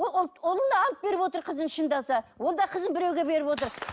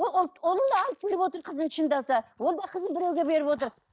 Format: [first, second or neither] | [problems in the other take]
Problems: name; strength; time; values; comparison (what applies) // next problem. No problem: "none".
first | noise reduction (neural mask model DeepFilterNet 3)